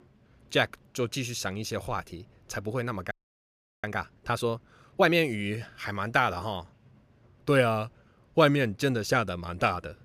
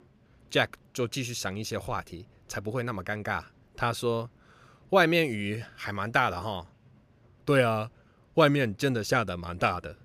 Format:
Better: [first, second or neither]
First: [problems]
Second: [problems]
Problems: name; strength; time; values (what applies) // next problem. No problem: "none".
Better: second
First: audio freezing; at 3 s for 0.5 s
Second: none